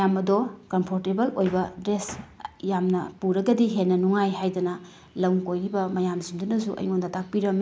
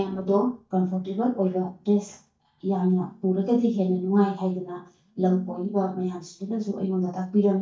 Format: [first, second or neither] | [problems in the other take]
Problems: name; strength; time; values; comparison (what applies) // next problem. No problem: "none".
first | noise reduction (neural mask model DeepFilterNet 3)